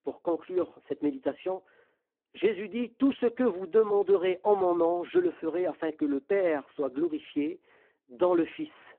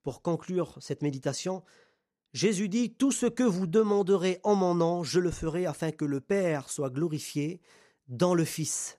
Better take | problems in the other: second | phone-call audio; poor line

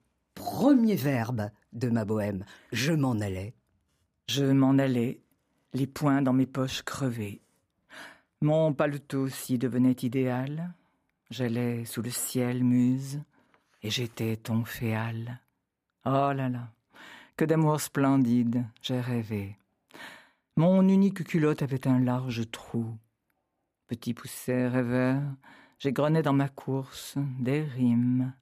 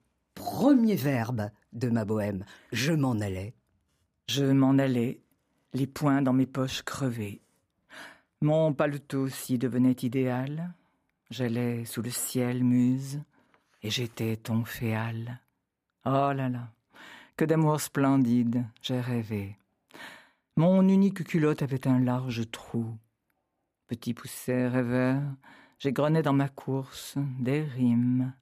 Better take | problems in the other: neither | none

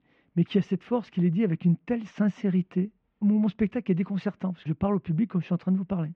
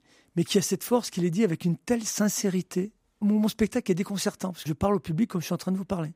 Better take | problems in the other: second | muffled; very; fading above 3 kHz

